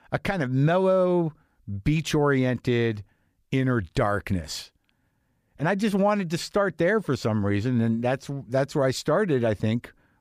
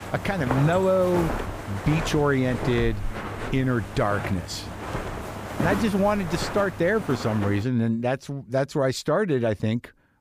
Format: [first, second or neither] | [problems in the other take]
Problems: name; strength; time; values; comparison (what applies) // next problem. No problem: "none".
first | footsteps; noticeable; until 7.5 s; peak 3 dB below the speech